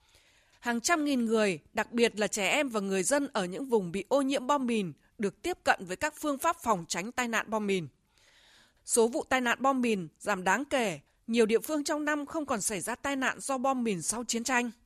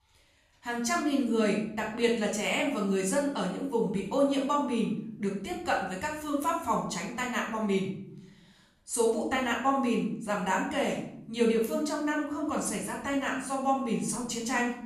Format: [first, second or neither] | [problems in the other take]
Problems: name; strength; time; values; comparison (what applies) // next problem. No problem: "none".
first | room echo; noticeable; dies away in 0.7 s // off-mic speech; far